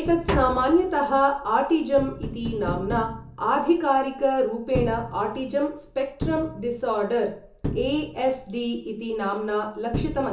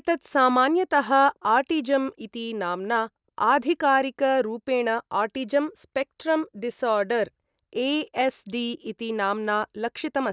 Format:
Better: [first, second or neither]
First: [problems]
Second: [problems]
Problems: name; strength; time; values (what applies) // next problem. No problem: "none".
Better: second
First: background sound (Tap); 9 dB below the speech // room echo; dies away in 0.6 s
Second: none